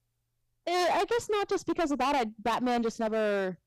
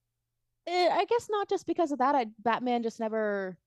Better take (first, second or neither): second